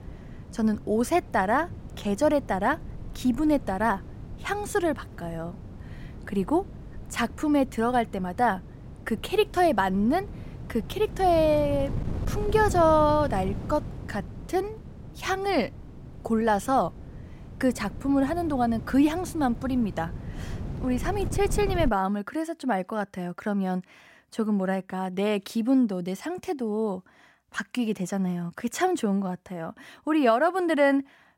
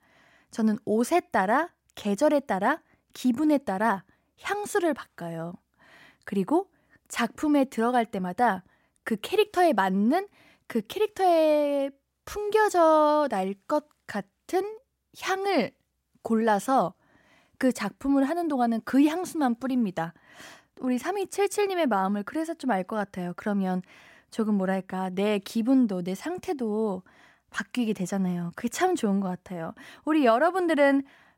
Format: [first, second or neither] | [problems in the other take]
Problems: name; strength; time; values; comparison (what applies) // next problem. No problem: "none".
second | wind noise on the microphone; occasional gusts; until 22 s; 20 dB below the speech